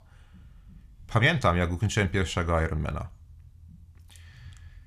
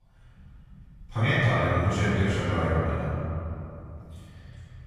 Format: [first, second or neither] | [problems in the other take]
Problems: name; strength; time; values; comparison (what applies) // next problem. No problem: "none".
first | room echo; strong; dies away in 2.8 s // off-mic speech; far